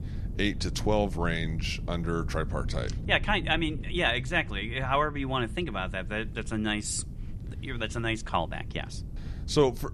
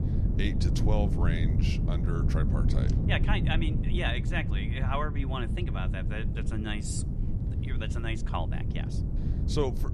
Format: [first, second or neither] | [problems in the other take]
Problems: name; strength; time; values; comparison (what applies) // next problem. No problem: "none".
first | wind noise on the microphone; heavy; 6 dB below the speech; occasional gusts in the first